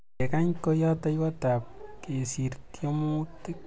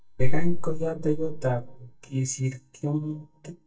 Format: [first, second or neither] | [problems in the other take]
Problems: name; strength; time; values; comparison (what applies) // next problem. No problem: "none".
first | noise reduction (neural mask model DeepFilterNet 3)